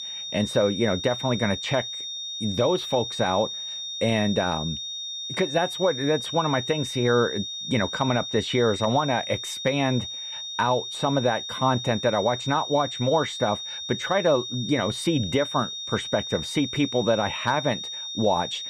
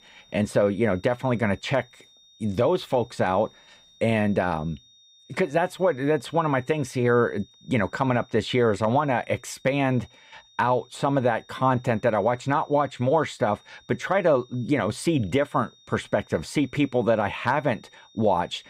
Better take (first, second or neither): second